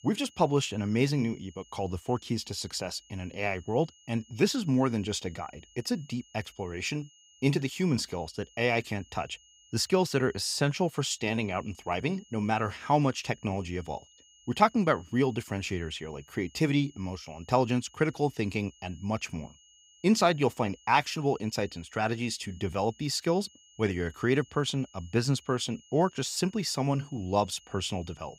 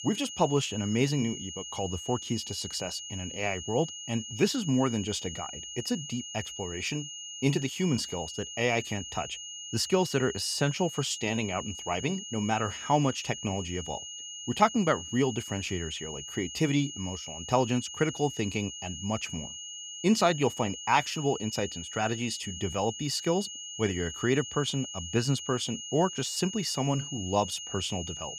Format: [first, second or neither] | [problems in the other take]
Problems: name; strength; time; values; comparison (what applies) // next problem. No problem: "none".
first | high-pitched whine; loud; throughout; 3 kHz, 8 dB below the speech; faint in the first